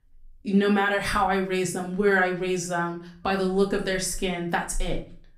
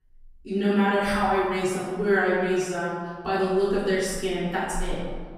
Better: first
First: room echo; slight; dies away in 0.4 s // off-mic speech; somewhat distant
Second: room echo; strong; dies away in 1.4 s // off-mic speech; far

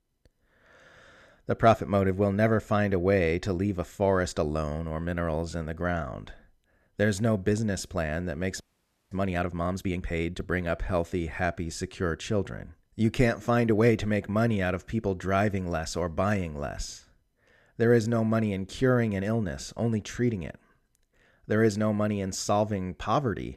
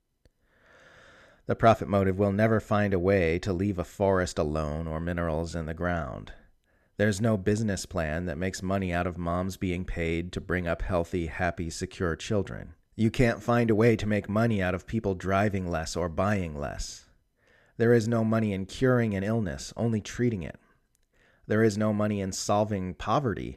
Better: second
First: audio freezing; at 8.5 s for 0.5 s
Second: none

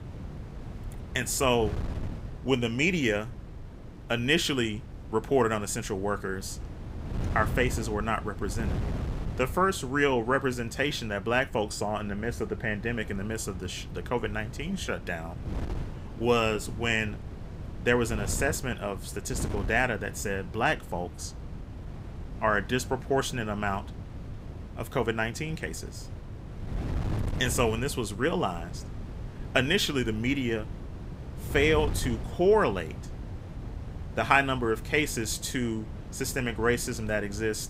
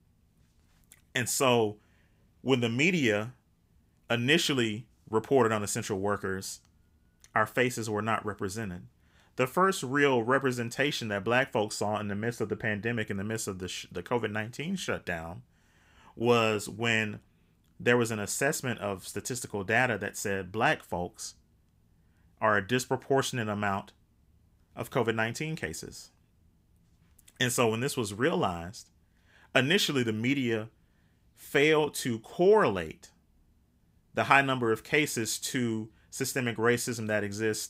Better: second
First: wind noise on the microphone; occasional gusts; 20 dB below the speech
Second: none

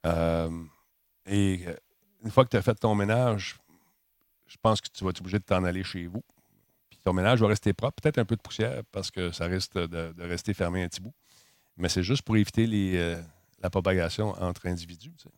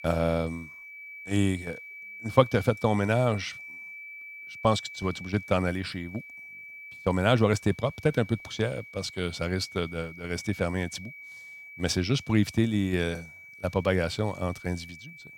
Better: first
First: none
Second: high-pitched whine; noticeable; throughout; 2.5 kHz, 15 dB below the speech

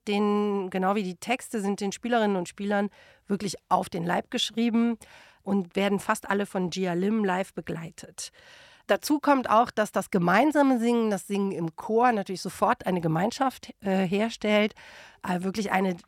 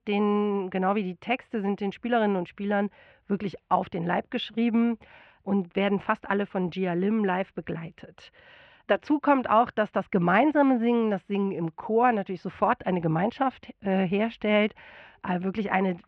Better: first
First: none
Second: muffled; very; fading above 3 kHz

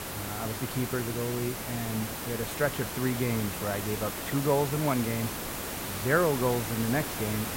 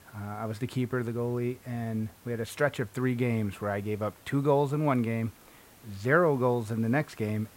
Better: second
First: hiss; loud; throughout; 4 dB below the speech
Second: hiss; faint; throughout; 25 dB below the speech

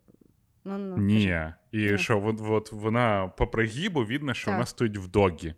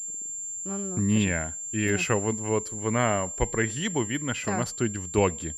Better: first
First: none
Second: high-pitched whine; loud; throughout; 7.5 kHz, 5 dB below the speech

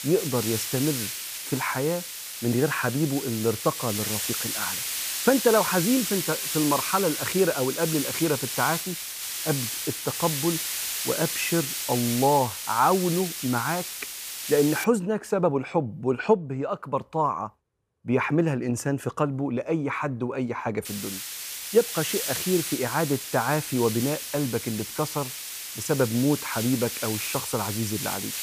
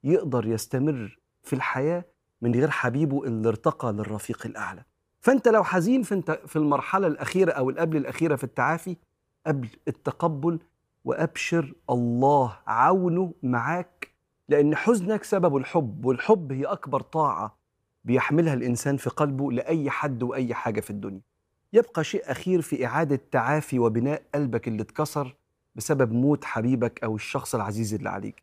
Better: second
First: hiss; loud; until 15 s and from 21 s on; 3 dB below the speech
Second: none

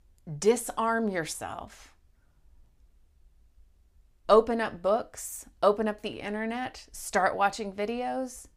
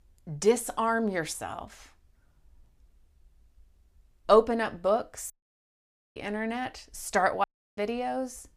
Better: first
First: none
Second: audio cutting out; at 5.5 s for 1 s and at 7.5 s

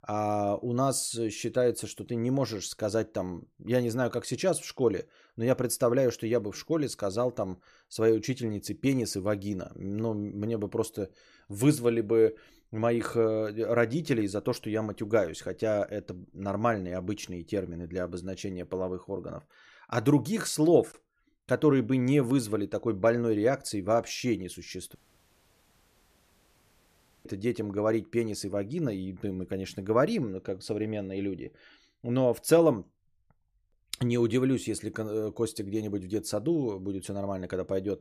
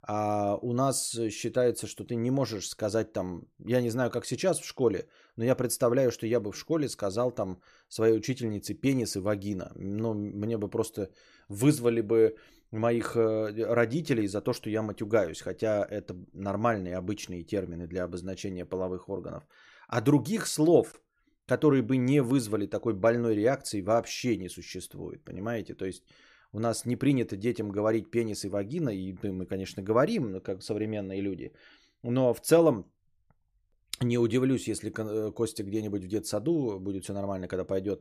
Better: second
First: audio cutting out; at 25 s for 2.5 s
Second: none

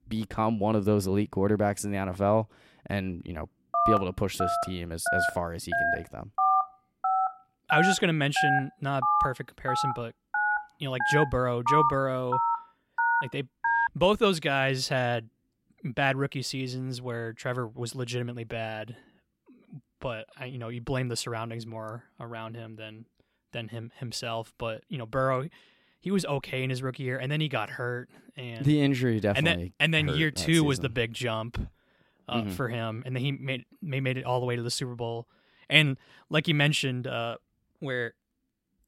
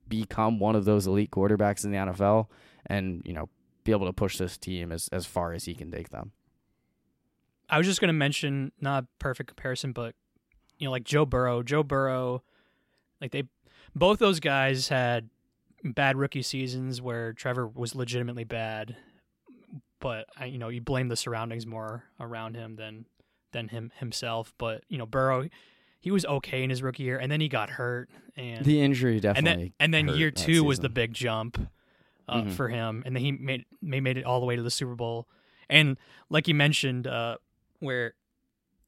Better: second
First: phone ringing; loud; from 3.5 to 14 s; peak 5 dB above the speech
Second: none

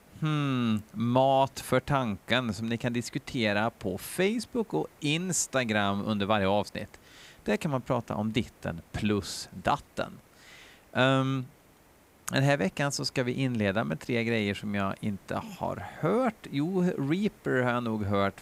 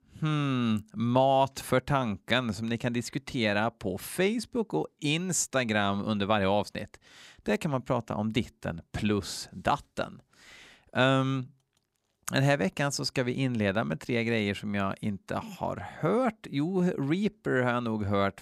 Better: second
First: hiss; faint; throughout; 30 dB below the speech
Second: none

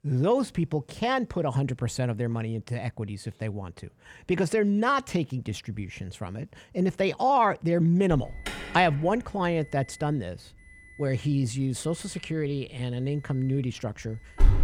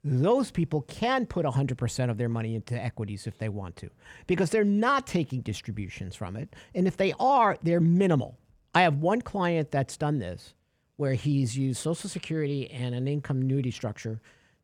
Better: second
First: alarm; loud; at 14 s; peak 1 dB above the speech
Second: none

